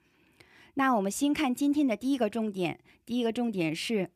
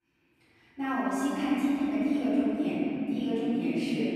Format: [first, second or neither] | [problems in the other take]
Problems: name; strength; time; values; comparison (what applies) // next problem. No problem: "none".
first | off-mic speech; far // room echo; strong; dies away in 3 s